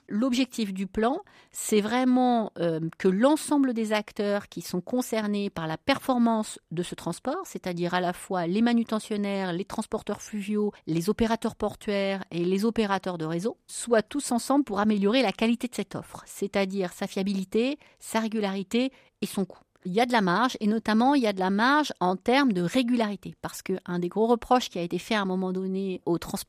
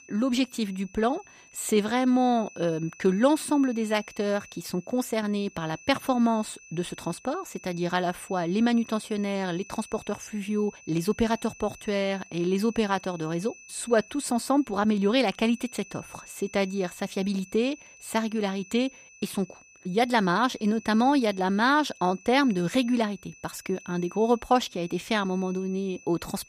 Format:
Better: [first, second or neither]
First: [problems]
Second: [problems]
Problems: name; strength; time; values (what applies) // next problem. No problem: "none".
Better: first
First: none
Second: high-pitched whine; faint; throughout; 2.5 kHz, 20 dB below the speech